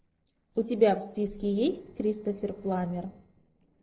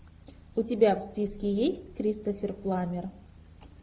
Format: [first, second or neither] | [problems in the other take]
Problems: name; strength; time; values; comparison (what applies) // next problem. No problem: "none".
second | noise reduction (neural separator model SepFormer DNS4)